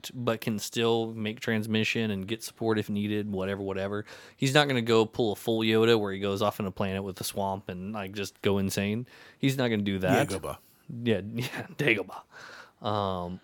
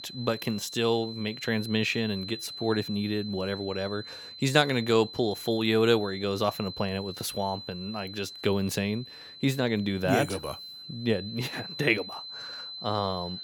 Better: first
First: none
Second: high-pitched whine; noticeable; throughout; 4 kHz, 10 dB below the speech

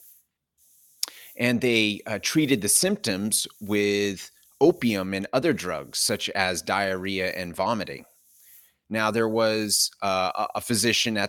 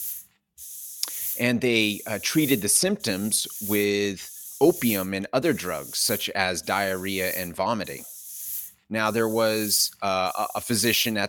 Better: first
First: hiss; faint; throughout; 30 dB below the speech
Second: hiss; loud; throughout; 10 dB below the speech

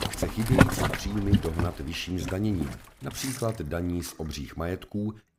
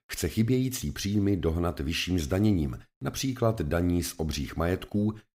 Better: second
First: household noises; very loud; throughout; 3 dB above the speech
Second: none

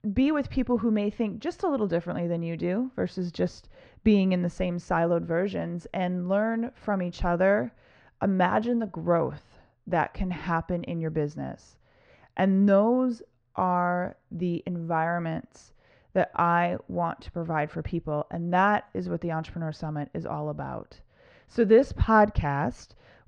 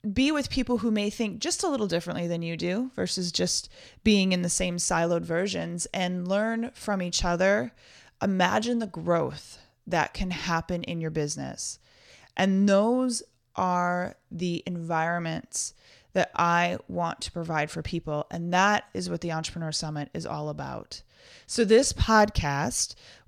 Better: second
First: muffled; very; fading above 1.5 kHz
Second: none

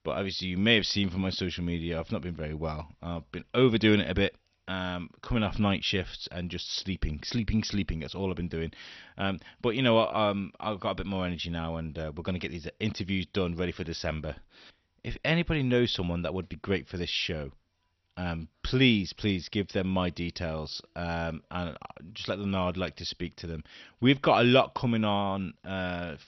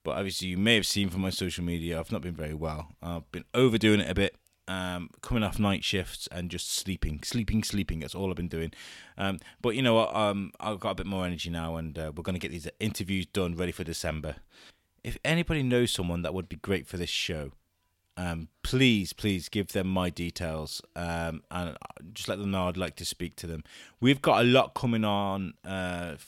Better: second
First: garbled, watery; slightly; nothing above 6 kHz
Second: none

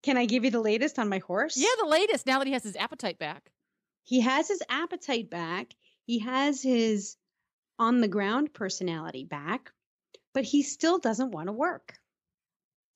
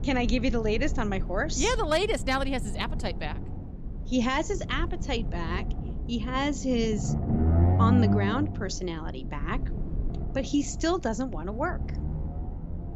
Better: first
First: none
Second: low rumble; noticeable; throughout; 10 dB below the speech

